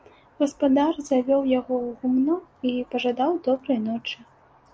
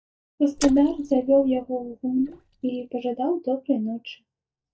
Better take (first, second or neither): first